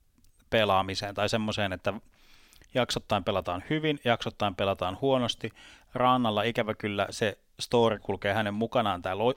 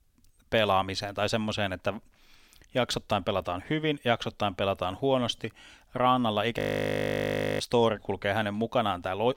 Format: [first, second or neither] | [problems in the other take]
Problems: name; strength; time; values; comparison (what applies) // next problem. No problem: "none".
first | audio freezing; at 6.5 s for 1 s